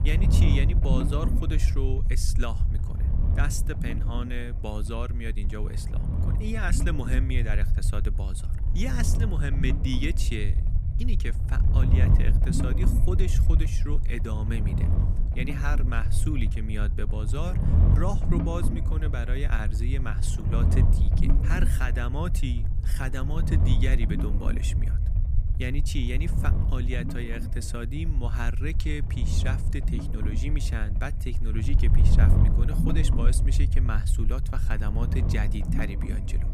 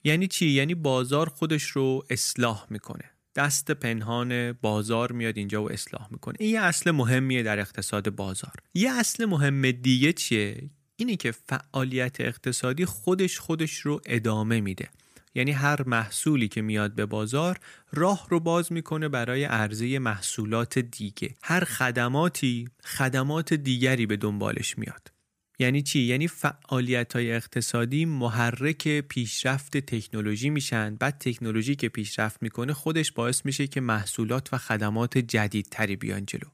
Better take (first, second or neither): second